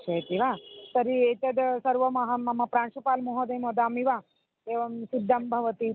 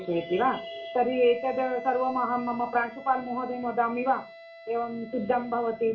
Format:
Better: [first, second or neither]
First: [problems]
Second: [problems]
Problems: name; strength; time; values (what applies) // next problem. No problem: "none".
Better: first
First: none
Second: background sound (Wind instrument, woodwind instrument); 15 dB below the speech // room echo; dies away in 0.3 s